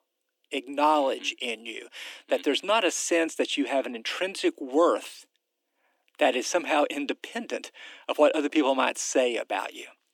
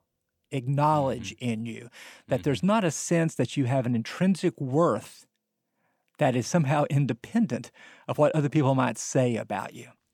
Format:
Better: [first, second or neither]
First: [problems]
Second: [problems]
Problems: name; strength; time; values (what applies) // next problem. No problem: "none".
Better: second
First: thin; somewhat; fading below 300 Hz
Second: none